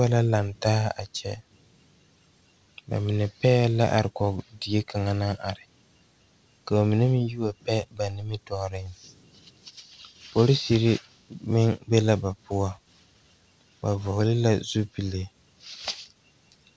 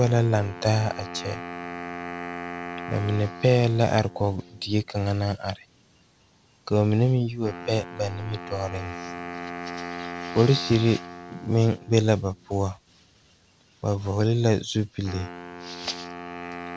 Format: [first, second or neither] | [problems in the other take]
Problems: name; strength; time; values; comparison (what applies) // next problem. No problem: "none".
first | background sound (Wind instrument, woodwind instrument); 13 dB below the speech